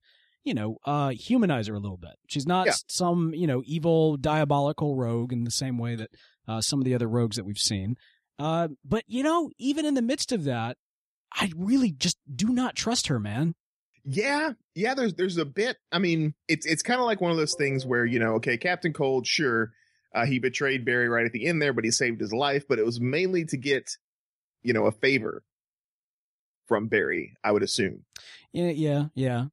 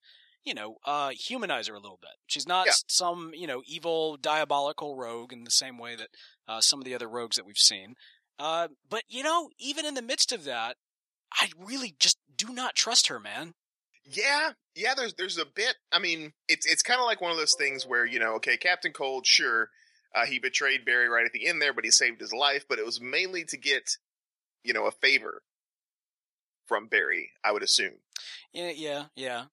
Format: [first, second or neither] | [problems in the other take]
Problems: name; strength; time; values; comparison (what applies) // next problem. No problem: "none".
first | thin; very; fading below 700 Hz